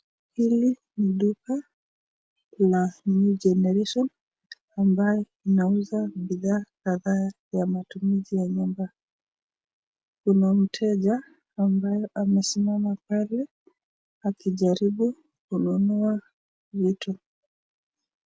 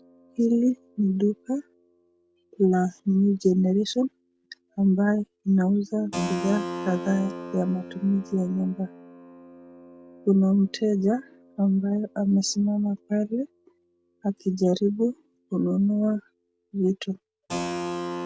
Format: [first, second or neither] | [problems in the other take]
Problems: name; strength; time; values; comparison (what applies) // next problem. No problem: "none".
first | background sound (Keyboard (musical)); 14 dB below the speech